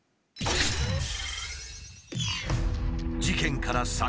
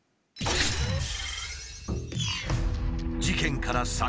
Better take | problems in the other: first | background sound (Bowed string instrument); 10 dB below the speech

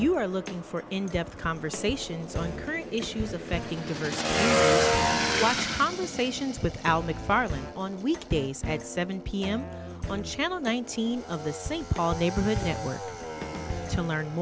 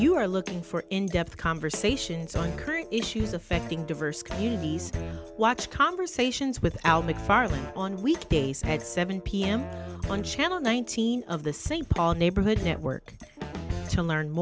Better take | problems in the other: second | background sound (Motorcycle / Engine); 3 dB below the speech

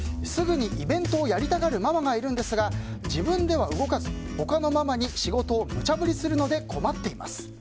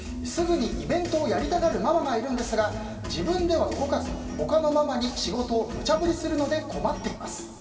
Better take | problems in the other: first | room echo; dies away in 2.2 s

